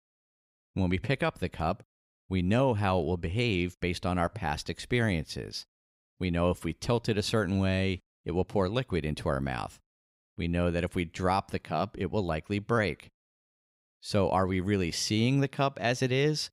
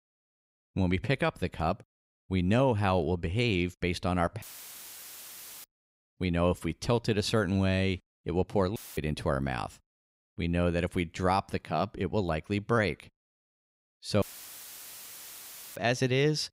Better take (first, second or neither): first